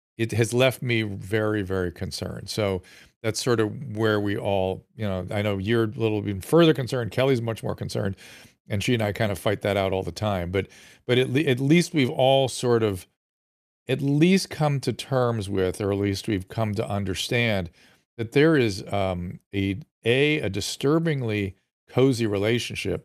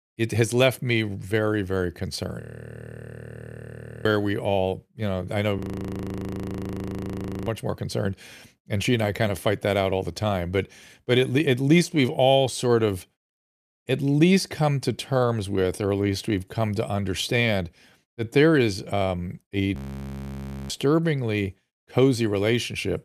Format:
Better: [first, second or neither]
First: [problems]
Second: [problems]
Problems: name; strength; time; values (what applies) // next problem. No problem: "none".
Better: first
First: none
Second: audio freezing; at 2.5 s for 1.5 s, at 5.5 s for 2 s and at 20 s for 1 s